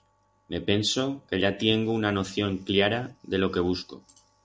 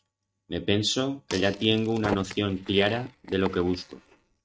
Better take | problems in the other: first | noise reduction (neural mask model RNNoise)

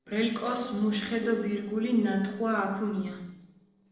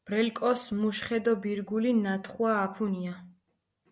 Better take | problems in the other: second | noise reduction (neural separator model SepFormer DNS4)

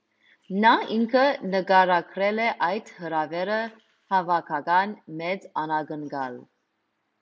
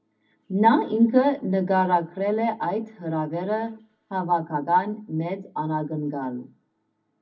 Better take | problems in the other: first | room echo; dies away in 0.4 s

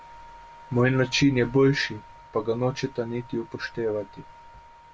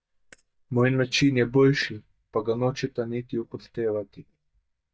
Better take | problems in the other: first | noise reduction (neural mask model DeepFilterNet 3)

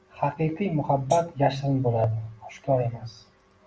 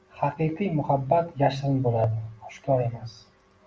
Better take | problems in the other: second | background sound (Hi-hat); 18 dB below the speech

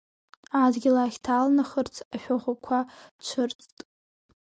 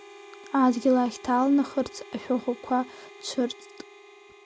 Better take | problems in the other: first | background sound (Harmonica); 20 dB below the speech

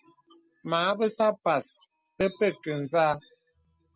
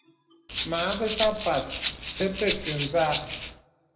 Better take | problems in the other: first | background sound (Rattle (instrument)); 5 dB below the speech // room echo; dies away in 0.9 s

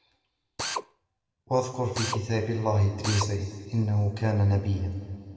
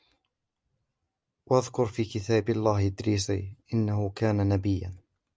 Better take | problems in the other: second | background sound (Drill); 8 dB below the speech // room echo; dies away in 2.1 s

